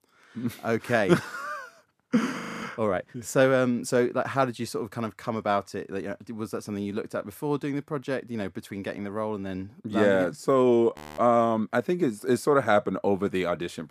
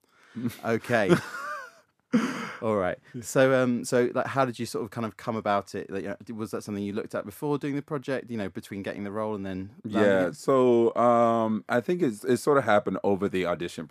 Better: second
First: audio freezing; at 2.5 s and at 11 s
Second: none

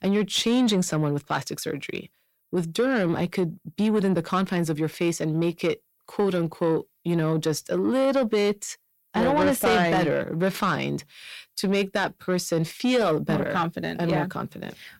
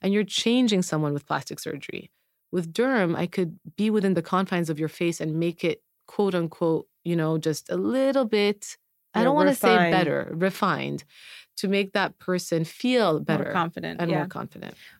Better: second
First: distortion; slight; 10 dB below the speech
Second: none

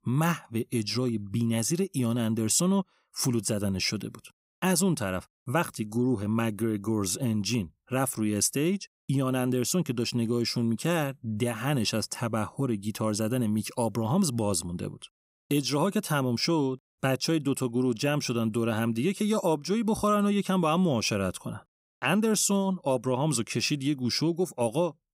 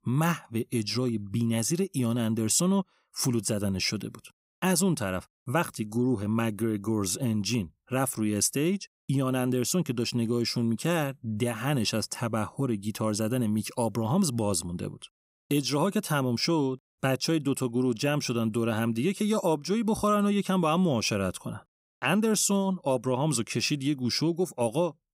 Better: neither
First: none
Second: none

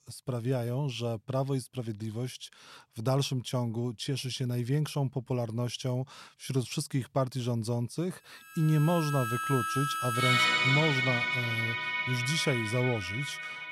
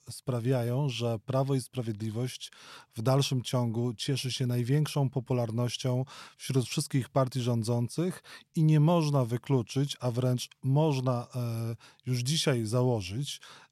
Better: second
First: background music; very loud; from 8.5 s on; 2 dB above the speech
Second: none

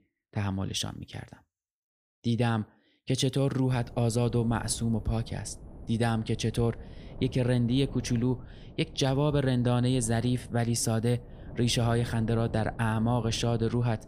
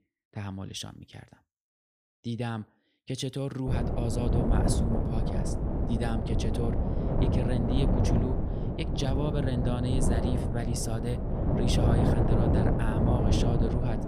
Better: first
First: wind noise on the microphone; occasional gusts; from 3.5 s on; 20 dB below the speech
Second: wind noise on the microphone; heavy; from 3.5 s on; 2 dB above the speech

